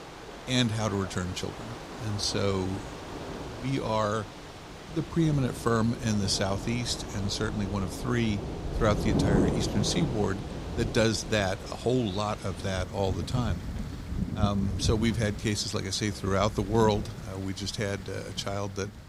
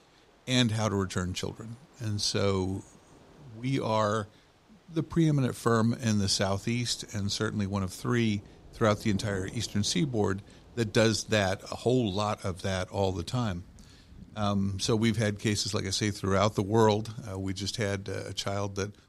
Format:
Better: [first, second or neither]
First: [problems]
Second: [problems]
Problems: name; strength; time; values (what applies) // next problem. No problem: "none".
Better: second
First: rain or running water; loud; throughout; 6 dB below the speech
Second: rain or running water; faint; throughout; 25 dB below the speech